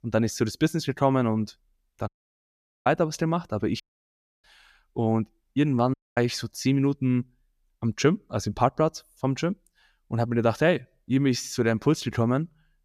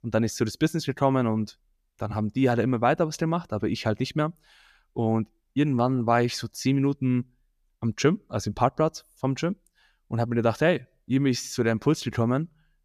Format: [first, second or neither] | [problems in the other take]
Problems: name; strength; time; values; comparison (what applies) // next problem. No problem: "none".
second | audio cutting out; at 2 s for 1 s, at 4 s for 0.5 s and at 6 s